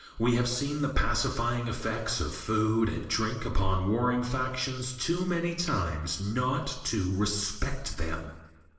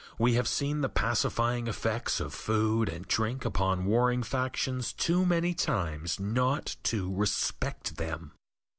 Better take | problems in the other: second | room echo; dies away in 1 s

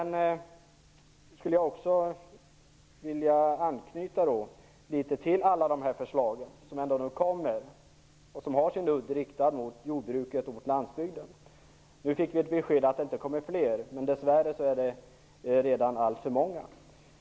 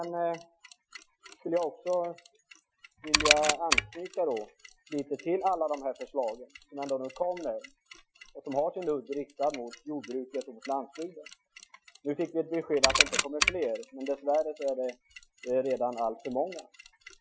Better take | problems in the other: first | noise reduction (classical method Wiener filter)

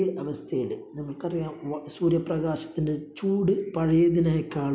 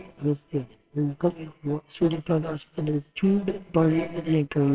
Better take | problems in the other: first | noise reduction (neural separator model SepFormer WHAMR!)

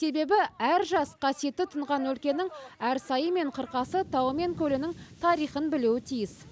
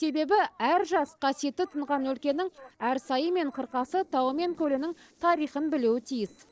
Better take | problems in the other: first | noise reduction (neural separator model SepFormer DNS4)

